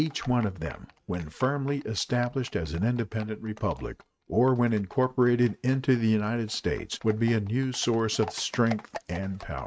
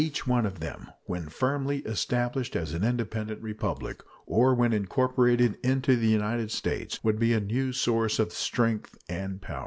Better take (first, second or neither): second